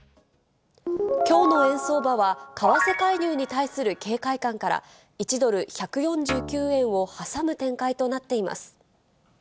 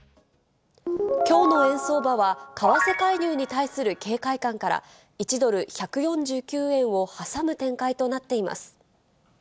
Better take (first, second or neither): second